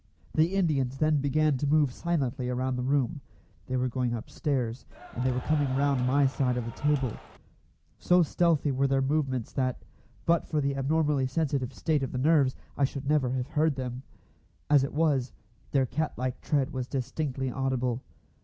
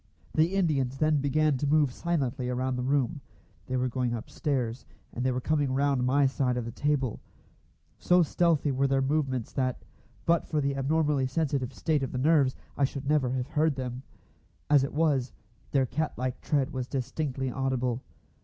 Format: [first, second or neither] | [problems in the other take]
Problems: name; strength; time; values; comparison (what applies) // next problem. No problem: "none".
second | background sound (Cheering); 17 dB below the speech